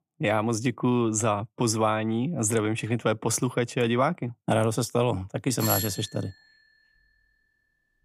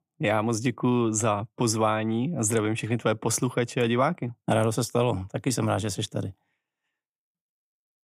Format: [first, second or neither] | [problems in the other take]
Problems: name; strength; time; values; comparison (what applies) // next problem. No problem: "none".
second | doorbell; noticeable; at 5.5 s; peak 1 dB below the speech